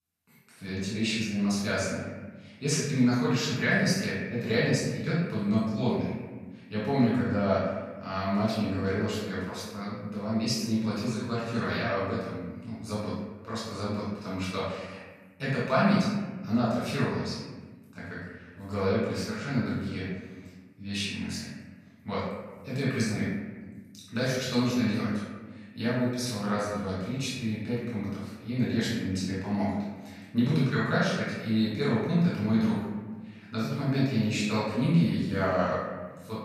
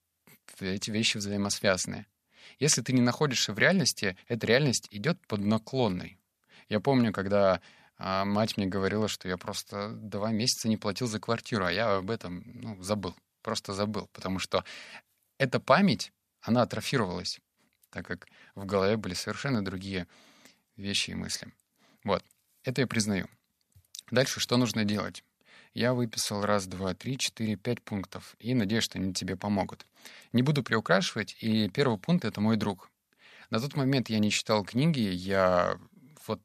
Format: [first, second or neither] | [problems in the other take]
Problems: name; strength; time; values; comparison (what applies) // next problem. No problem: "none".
second | room echo; strong; dies away in 1.4 s // off-mic speech; far